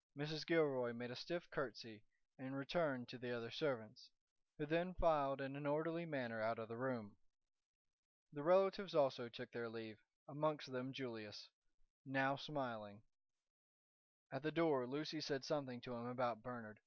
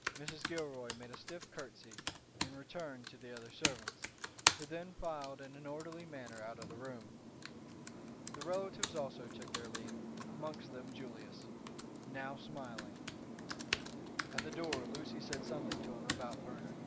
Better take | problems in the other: first | background sound (Computer keyboard); 3 dB above the speech

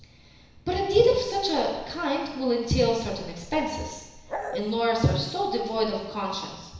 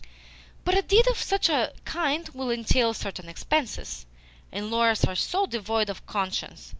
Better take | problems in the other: second | background sound (Bark); 6 dB below the speech // room echo; dies away in 1 s

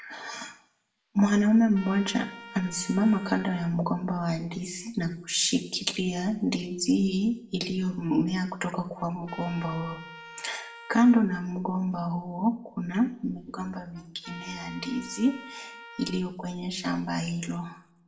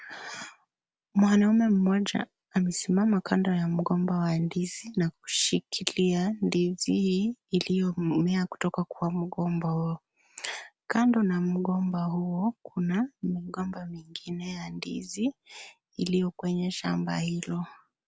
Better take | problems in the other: second | background sound (Trumpet); 19 dB below the speech // room echo; dies away in 0.4 s

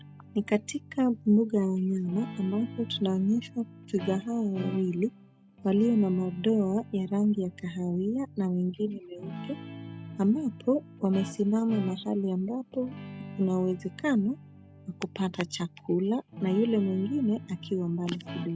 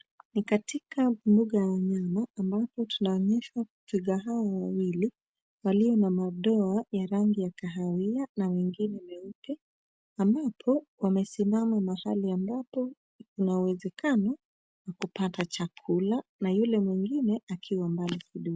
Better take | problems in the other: second | background sound (Guitar); 14 dB below the speech

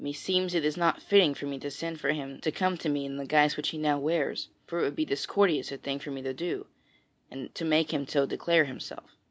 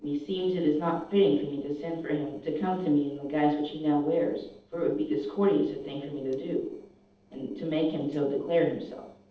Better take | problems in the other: first | noise reduction (neural separator model SepFormer DNS4)

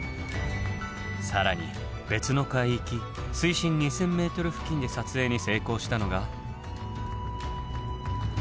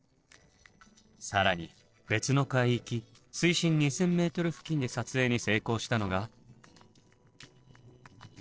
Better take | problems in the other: first | noise reduction (neural separator model SepFormer DNS4)

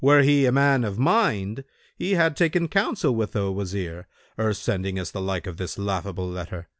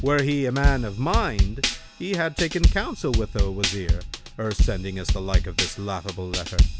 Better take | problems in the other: first | background sound (Drum / Drum kit); 3 dB above the speech

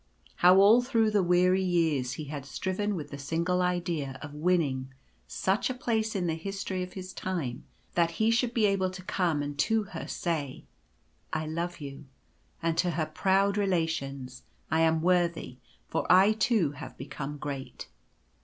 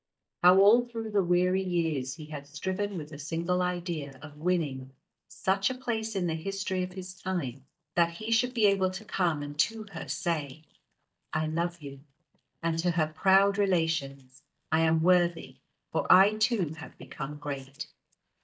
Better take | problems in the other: first | noise reduction (neural mask model DeepFilterNet 3)

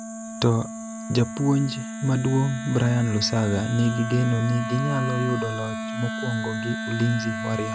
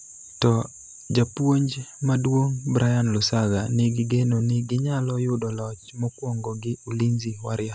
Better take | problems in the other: second | background sound (Wind instrument, woodwind instrument); 7 dB below the speech

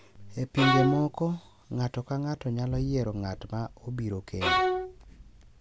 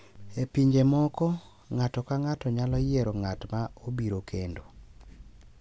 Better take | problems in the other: second | background sound (Bowed string instrument); 3 dB above the speech

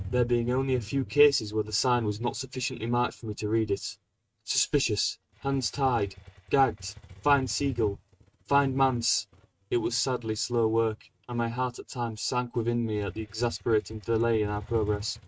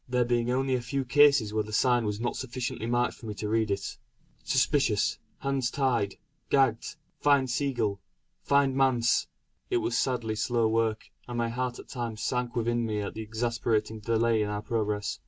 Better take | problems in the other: second | noise reduction (neural mask model RNNoise)

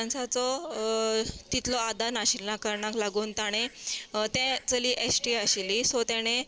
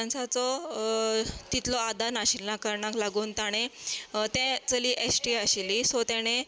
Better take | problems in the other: second | noise reduction (neural separator model SepFormer DNS4)

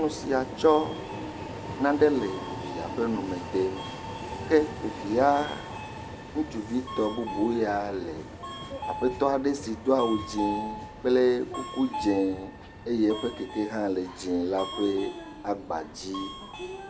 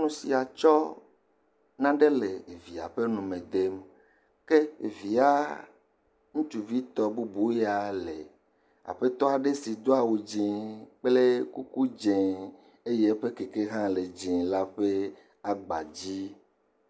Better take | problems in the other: second | background sound (Subway, metro, underground); 9 dB below the speech

